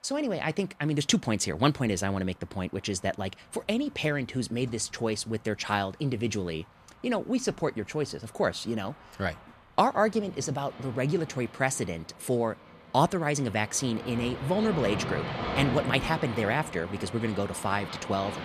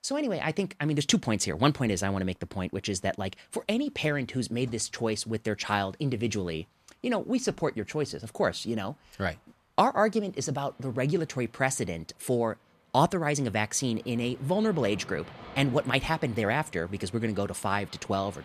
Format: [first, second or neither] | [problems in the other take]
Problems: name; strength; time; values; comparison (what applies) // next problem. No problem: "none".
second | rain or running water; loud; throughout; 9 dB below the speech; faint in the second